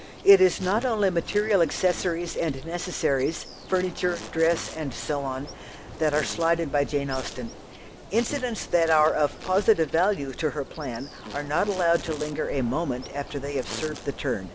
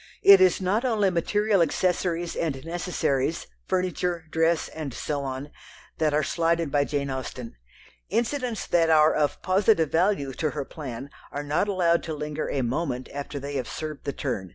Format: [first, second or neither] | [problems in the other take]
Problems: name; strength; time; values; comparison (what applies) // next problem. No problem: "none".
second | background sound (Insect); 14 dB below the speech